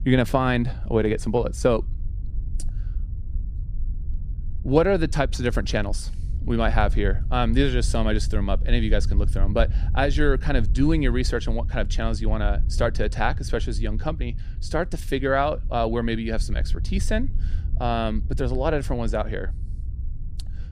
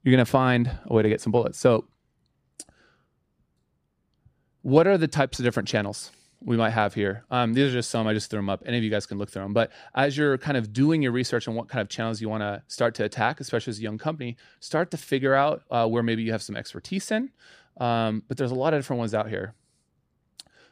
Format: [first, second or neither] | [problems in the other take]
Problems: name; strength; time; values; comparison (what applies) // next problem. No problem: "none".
second | low rumble; faint; throughout; 20 dB below the speech